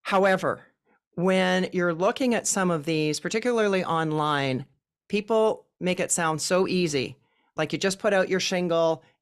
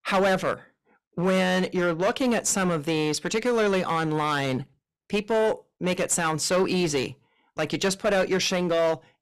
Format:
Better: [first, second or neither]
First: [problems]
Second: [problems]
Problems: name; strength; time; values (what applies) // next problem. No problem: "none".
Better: first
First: none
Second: distortion; slight; 10% of the sound clipped